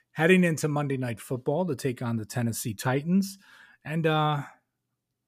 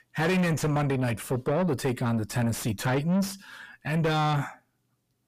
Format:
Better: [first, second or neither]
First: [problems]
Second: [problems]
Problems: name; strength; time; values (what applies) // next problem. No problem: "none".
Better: first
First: none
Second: distortion; heavy; 5 dB below the speech